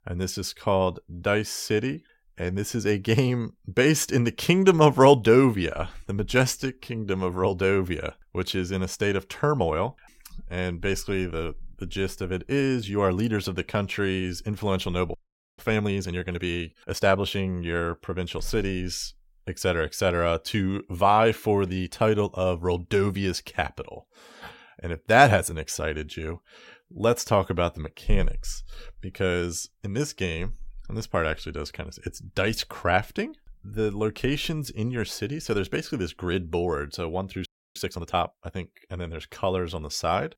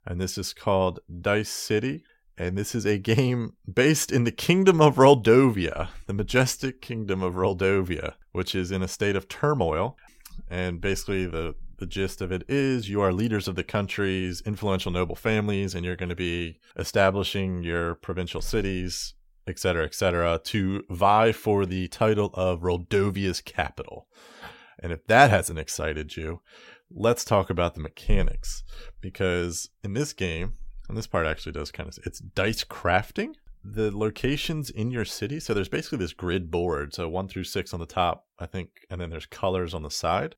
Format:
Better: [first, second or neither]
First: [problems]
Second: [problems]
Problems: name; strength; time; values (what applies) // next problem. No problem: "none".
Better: second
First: audio freezing; at 15 s and at 37 s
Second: none